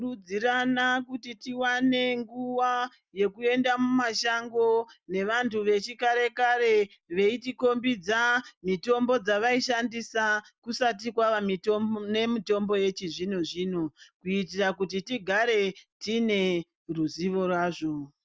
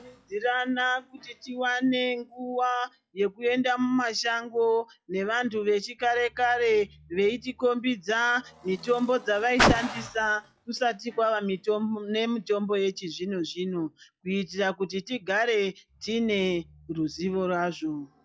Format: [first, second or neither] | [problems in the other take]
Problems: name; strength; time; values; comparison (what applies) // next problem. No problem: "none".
first | noise reduction (classical method log-MMSE)